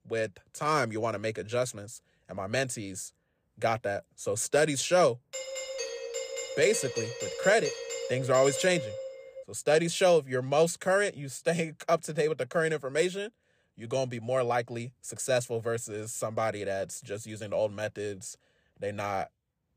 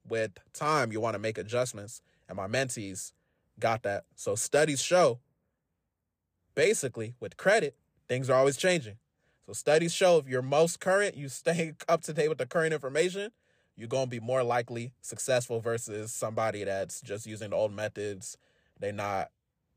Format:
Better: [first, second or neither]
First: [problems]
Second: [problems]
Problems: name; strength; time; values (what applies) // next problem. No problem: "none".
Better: second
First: doorbell; noticeable; from 5.5 to 9.5 s; peak 4 dB below the speech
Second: none